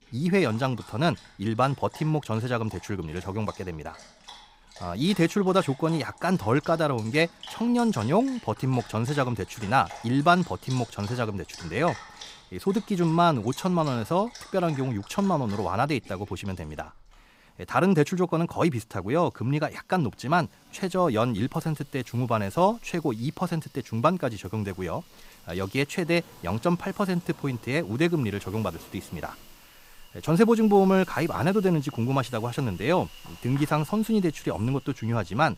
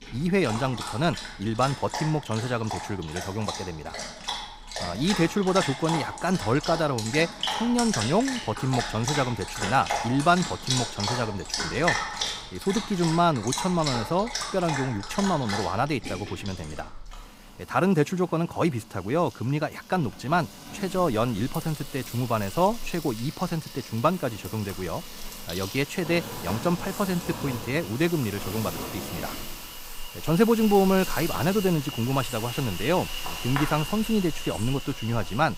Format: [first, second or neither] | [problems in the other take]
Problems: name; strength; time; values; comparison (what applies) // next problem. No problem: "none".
first | animal sounds; loud; throughout; 7 dB below the speech; faint in the first